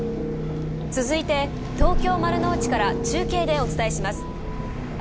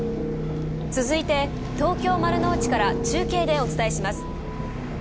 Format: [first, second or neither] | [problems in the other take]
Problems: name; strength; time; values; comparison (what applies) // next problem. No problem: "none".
second | background sound (Wind); 6 dB below the speech